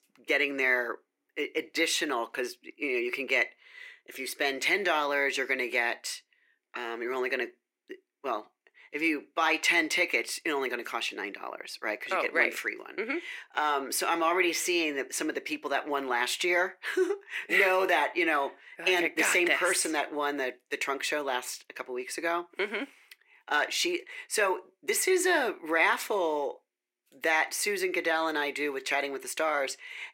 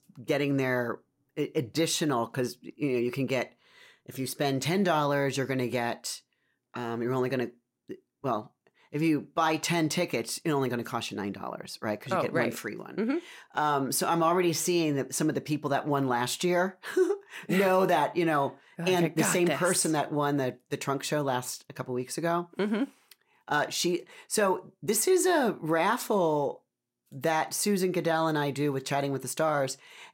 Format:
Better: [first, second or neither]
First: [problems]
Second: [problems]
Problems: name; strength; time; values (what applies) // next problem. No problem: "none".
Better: second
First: thin; somewhat; fading below 350 Hz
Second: none